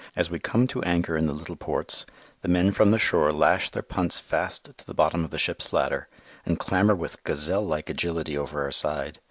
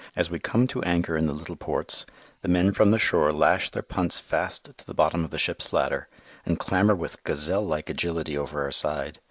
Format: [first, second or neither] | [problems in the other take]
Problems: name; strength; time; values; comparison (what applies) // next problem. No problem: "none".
first | noise reduction (neural mask model Resemble Enhance denoiser)